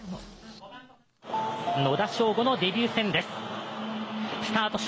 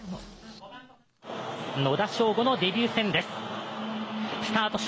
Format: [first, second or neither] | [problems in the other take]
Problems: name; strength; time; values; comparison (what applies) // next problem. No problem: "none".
second | background sound (Telephone); 7 dB below the speech